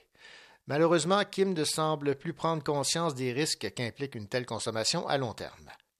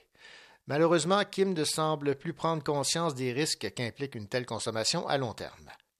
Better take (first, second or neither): neither